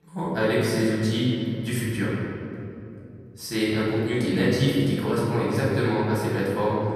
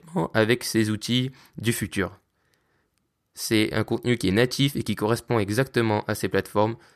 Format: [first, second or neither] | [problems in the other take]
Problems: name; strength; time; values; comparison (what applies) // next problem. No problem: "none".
second | room echo; strong; dies away in 2.9 s // off-mic speech; far